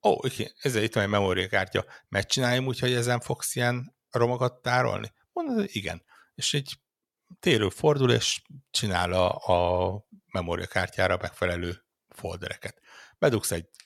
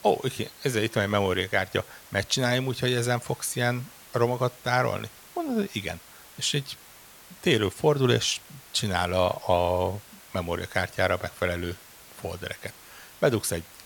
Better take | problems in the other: first | hiss; faint; throughout; 20 dB below the speech

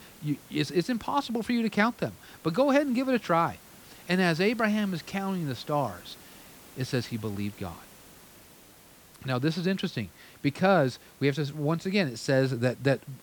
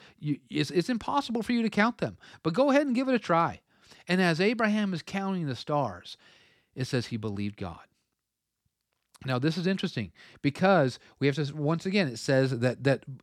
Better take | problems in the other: second | hiss; faint; throughout; 20 dB below the speech

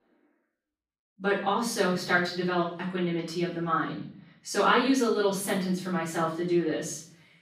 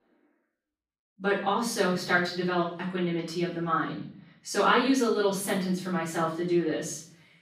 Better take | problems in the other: neither | off-mic speech; far; the same in both // room echo; noticeable; dies away in 0.6 s; the same in both

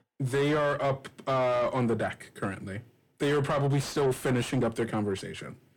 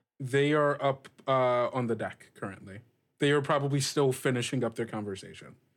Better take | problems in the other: second | distortion; heavy; 7 dB below the speech

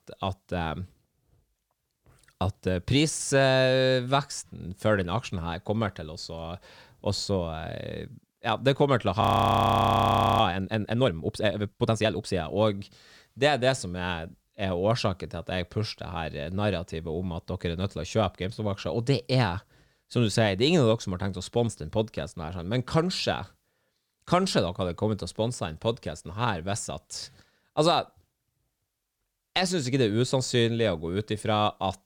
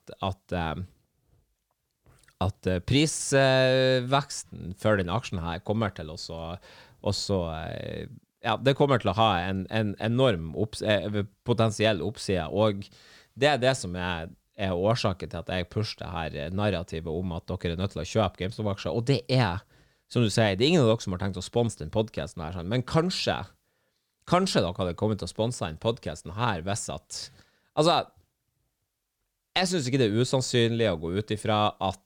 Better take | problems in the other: second | audio freezing; at 9 s for 1 s

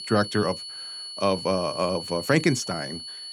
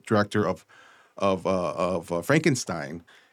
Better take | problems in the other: second | high-pitched whine; loud; throughout; 4.5 kHz, 9 dB below the speech

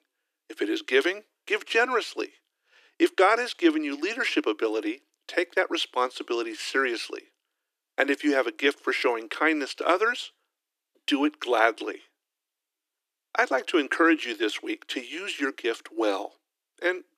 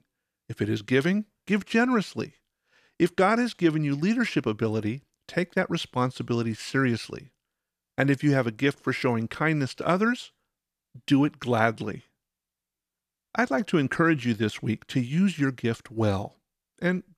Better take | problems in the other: second | thin; somewhat; fading below 300 Hz

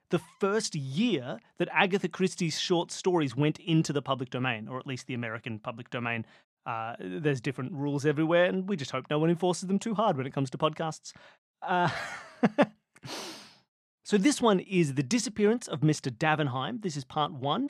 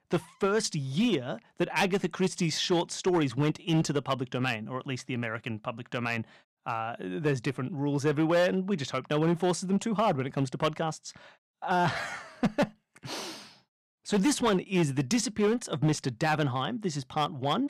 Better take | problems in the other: first | distortion; slight; 5% of the sound clipped

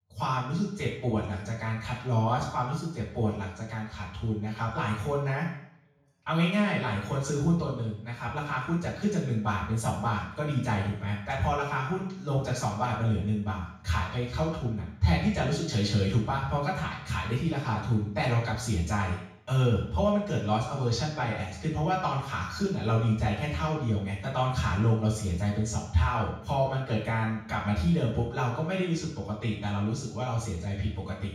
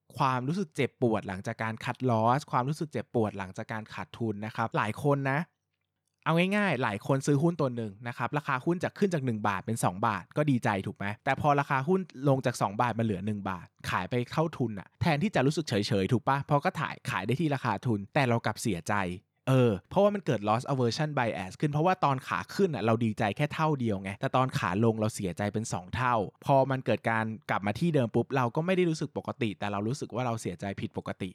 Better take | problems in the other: second | room echo; noticeable; dies away in 0.6 s // off-mic speech; far

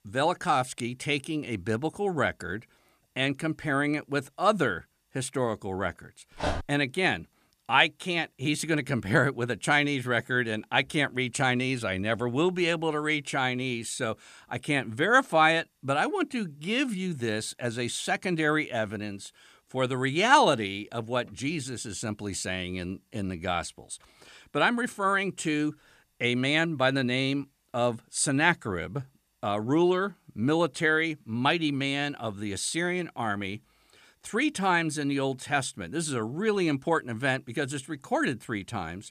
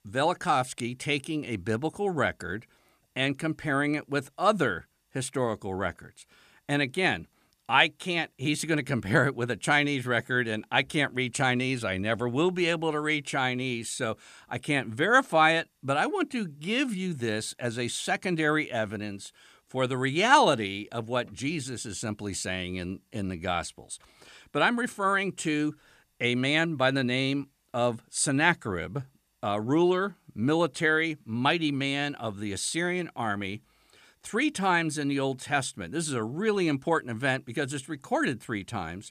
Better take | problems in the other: second | dog barking; noticeable; at 6.5 s; peak 5 dB below the speech

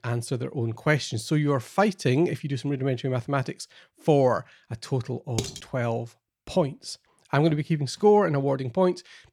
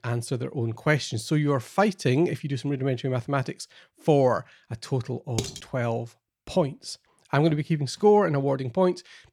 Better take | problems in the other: neither | clattering dishes; noticeable; at 5.5 s; peak 7 dB below the speech; the same in both

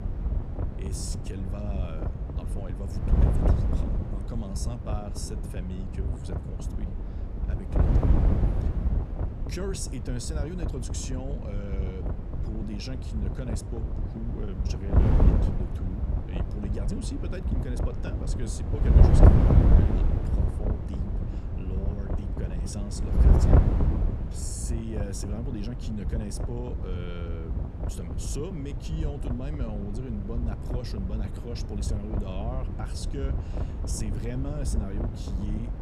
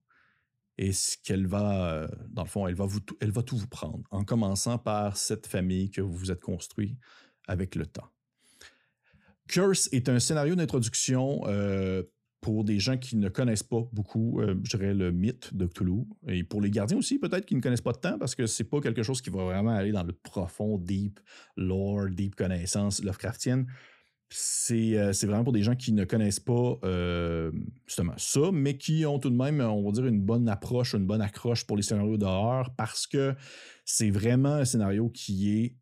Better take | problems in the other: second | wind noise on the microphone; heavy; 3 dB above the speech

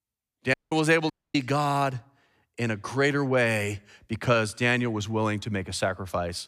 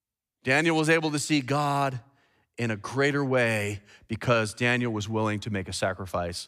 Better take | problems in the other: second | audio cutting out; at 0.5 s and at 1 s

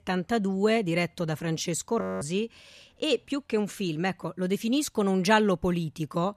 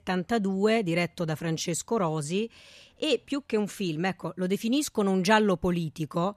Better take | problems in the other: second | audio freezing; at 2 s

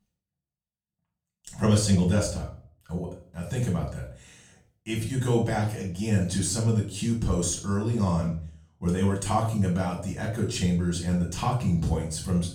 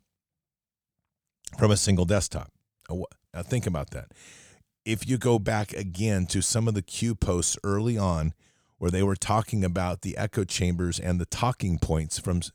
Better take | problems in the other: second | off-mic speech; far // room echo; slight; dies away in 0.4 s

